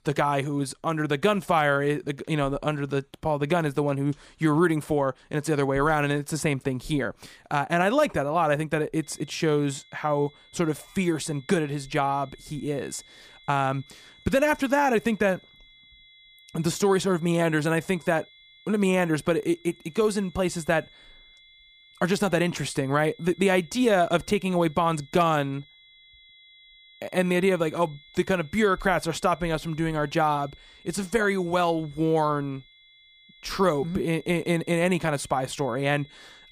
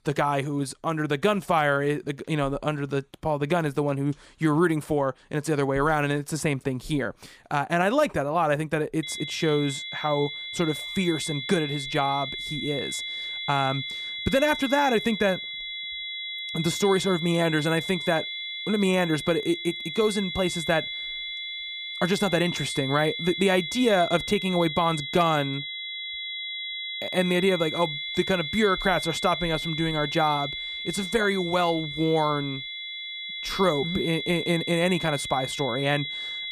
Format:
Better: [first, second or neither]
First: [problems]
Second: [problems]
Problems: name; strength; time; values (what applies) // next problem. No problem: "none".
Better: first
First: high-pitched whine; faint; from 9 s on; 3.5 kHz, 25 dB below the speech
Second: high-pitched whine; loud; from 9 s on; 3.5 kHz, 6 dB below the speech